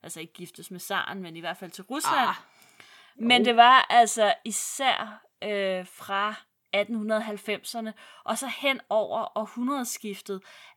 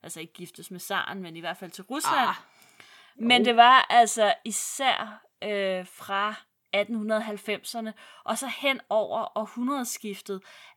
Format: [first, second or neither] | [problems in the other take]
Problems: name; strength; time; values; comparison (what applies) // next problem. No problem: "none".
neither | none